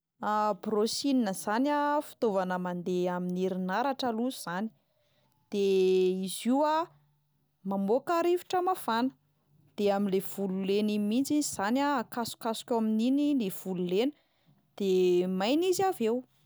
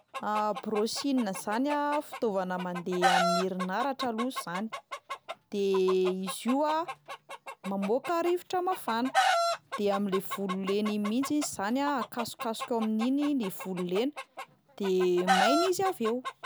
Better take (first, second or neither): first